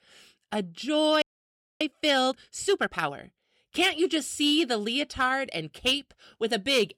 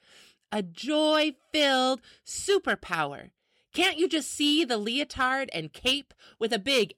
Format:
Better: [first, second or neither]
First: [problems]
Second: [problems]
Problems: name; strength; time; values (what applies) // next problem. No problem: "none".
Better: second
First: audio freezing; at 1 s for 0.5 s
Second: none